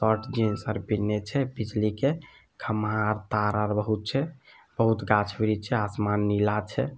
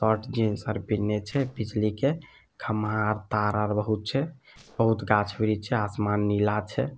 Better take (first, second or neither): first